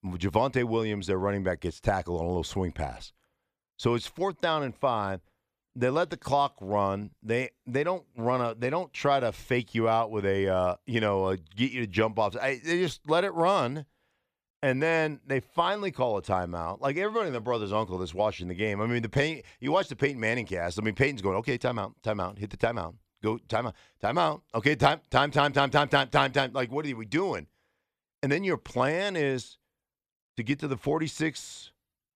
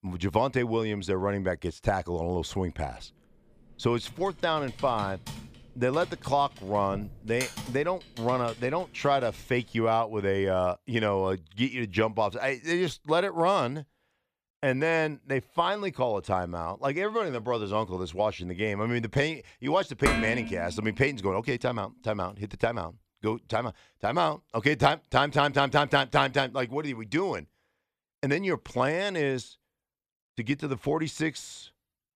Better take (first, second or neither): first